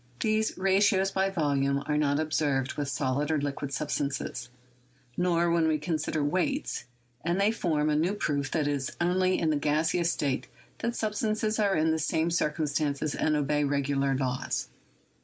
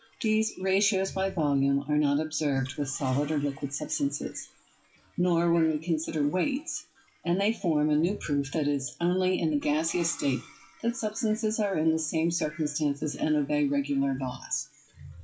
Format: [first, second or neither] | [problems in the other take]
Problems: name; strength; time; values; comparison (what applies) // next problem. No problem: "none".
first | noise reduction (classical method WPE with log-MMSE)